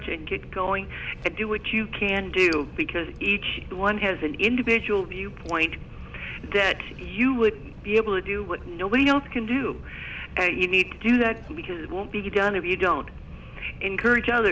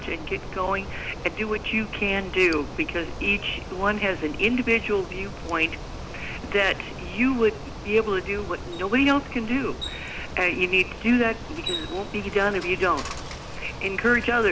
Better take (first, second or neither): first